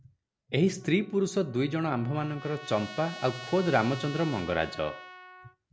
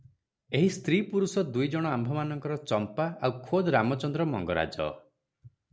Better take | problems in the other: second | background sound (Trumpet); 16 dB below the speech

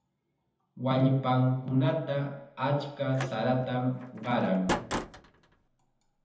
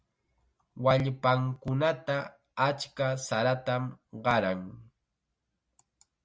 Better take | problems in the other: second | background sound (Slam); 8 dB below the speech // room echo; dies away in 0.9 s

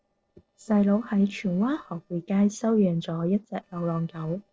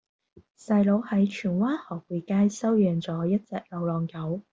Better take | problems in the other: second | noise reduction (neural separator model SepFormer DNS4)

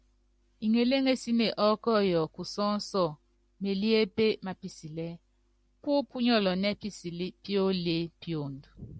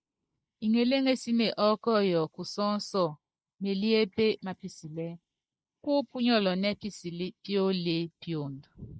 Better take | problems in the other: first | noise reduction (neural mask model Resemble Enhance denoiser)

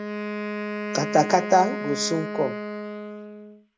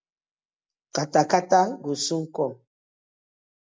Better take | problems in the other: second | background sound (Wind instrument, woodwind instrument); 6 dB below the speech

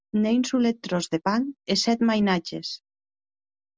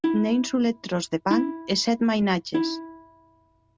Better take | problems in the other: first | background sound (Plucked string instrument); 5 dB below the speech

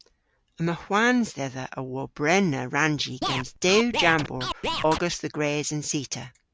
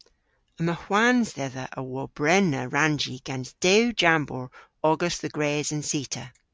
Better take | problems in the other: second | background sound (Scratching (performance technique)); 5 dB below the speech

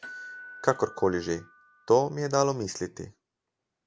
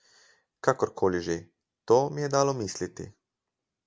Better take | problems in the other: second | background sound (Door / Bell); 20 dB below the speech

